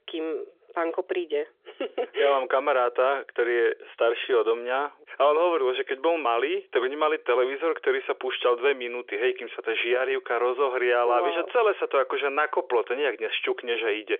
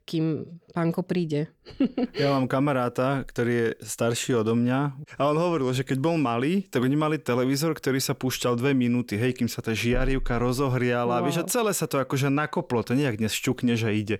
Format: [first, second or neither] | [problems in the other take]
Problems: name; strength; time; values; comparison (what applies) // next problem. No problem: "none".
second | phone-call audio; nothing above 3.5 kHz